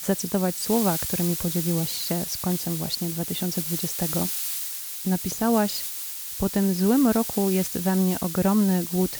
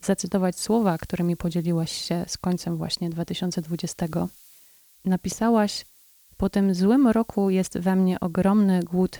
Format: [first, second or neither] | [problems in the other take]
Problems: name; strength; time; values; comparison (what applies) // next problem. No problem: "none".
second | hiss; loud; throughout; 3 dB below the speech; faint in the second